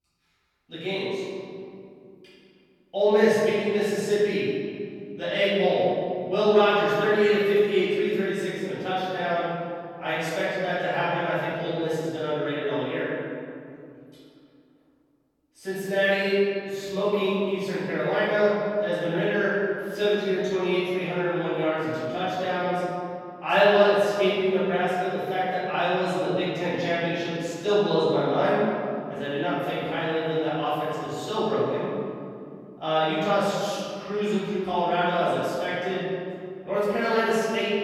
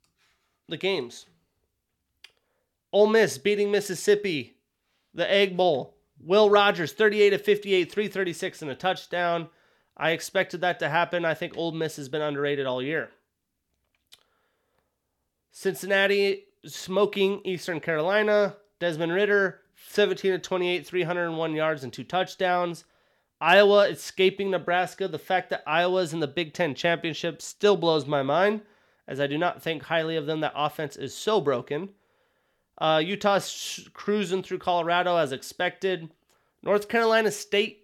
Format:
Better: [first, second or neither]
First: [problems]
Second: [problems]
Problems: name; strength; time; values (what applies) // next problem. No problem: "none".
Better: second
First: off-mic speech; far // room echo; strong; dies away in 2.4 s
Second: none